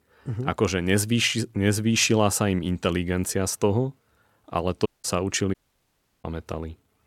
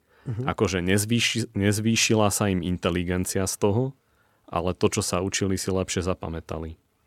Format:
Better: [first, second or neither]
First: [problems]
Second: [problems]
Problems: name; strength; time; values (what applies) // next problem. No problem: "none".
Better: second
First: audio cutting out; at 5 s and at 5.5 s for 0.5 s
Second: none